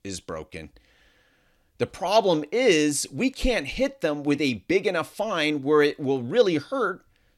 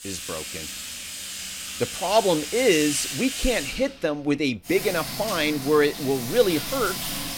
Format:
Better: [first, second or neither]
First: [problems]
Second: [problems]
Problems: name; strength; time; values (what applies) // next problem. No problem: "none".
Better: first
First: none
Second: household noises; loud; throughout; 7 dB below the speech